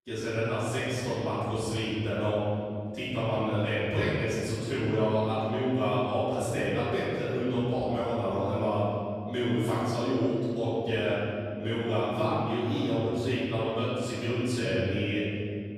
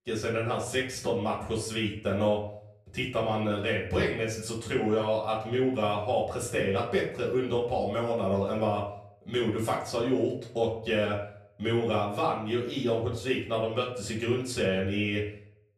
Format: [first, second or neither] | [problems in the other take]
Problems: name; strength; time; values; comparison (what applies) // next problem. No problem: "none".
second | room echo; strong; dies away in 2.4 s; slight in the second // off-mic speech; far; far in the second